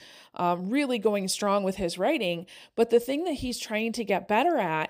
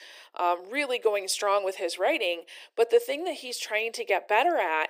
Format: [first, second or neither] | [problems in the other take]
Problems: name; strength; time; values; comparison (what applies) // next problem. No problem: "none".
first | thin; very; fading below 350 Hz